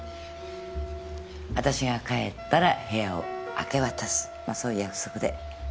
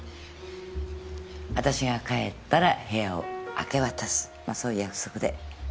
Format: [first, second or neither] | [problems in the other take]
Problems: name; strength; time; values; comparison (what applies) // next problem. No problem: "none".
second | background sound (Wind instrument, woodwind instrument); 13 dB below the speech